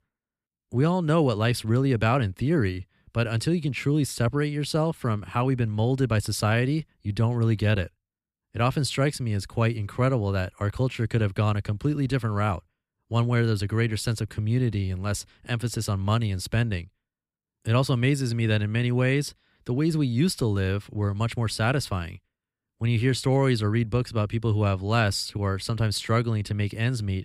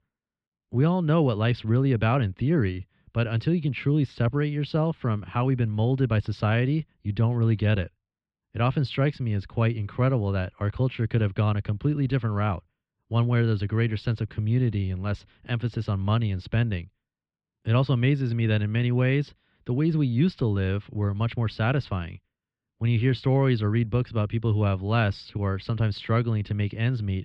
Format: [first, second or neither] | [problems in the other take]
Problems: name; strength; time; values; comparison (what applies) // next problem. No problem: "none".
first | muffled; slightly; fading above 3.5 kHz